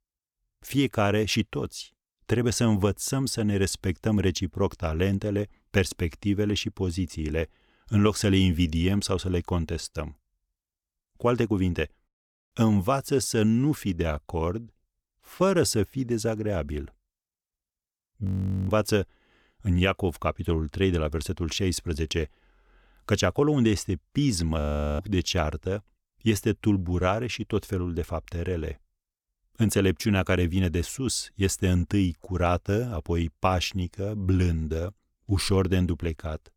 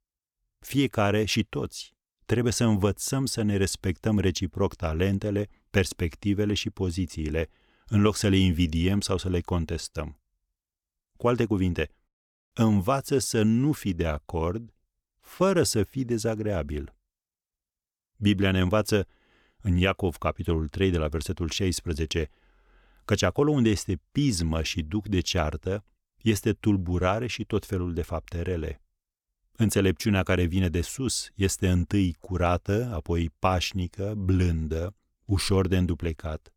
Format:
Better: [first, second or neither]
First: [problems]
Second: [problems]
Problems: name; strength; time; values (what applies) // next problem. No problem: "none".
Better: second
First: audio freezing; at 18 s and at 25 s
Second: none